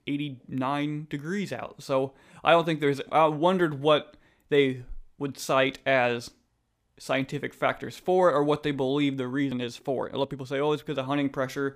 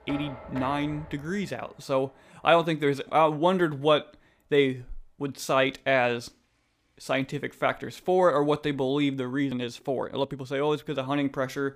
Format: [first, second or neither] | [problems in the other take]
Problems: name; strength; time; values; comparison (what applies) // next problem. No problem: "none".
first | household noises; noticeable; throughout; 15 dB below the speech